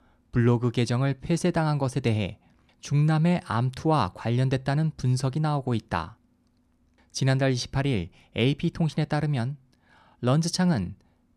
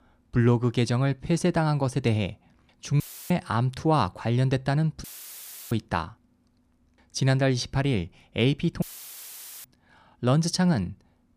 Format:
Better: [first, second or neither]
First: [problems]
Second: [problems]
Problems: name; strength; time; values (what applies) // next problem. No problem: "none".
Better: first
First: none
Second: audio cutting out; filled with static; at 3 s, at 5 s for 0.5 s and at 9 s for 1 s